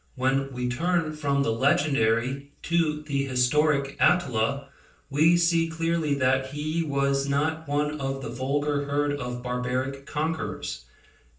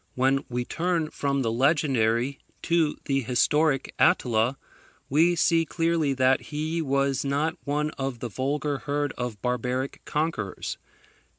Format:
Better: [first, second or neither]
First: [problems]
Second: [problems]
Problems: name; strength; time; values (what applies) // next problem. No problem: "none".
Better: second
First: room echo; dies away in 0.4 s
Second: none